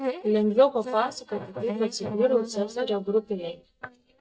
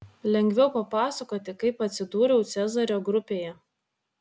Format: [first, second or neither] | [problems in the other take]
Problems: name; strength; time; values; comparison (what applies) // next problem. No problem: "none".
second | noise reduction (neural mask model DeepFilterNet 3)